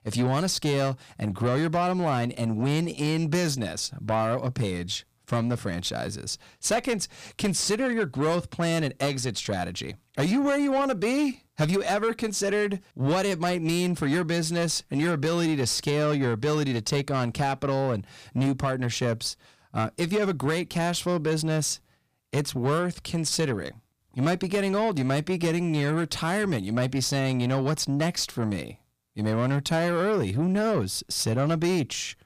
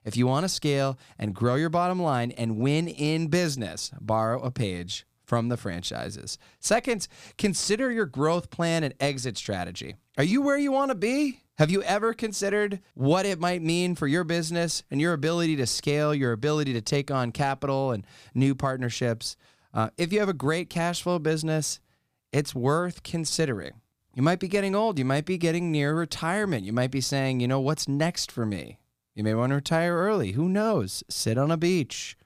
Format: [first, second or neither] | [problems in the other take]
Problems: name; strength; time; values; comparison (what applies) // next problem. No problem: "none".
second | distortion; slight; 10 dB below the speech